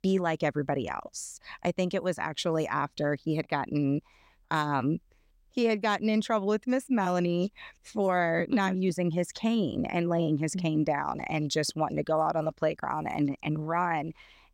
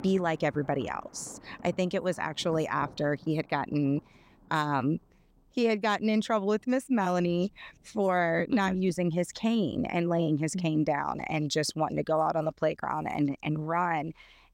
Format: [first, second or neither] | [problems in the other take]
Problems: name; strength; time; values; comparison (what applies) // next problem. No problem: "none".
first | rain or running water; faint; throughout; 25 dB below the speech